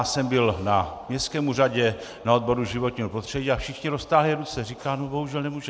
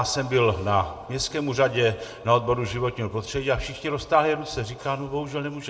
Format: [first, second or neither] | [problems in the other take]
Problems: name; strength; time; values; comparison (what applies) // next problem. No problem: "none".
first | room echo; dies away in 0.5 s